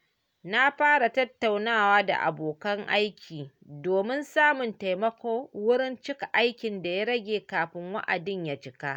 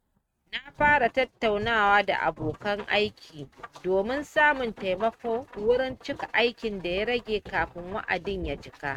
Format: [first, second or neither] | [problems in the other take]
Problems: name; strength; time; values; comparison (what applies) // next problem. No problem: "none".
first | noise reduction (neural mask model RNNoise)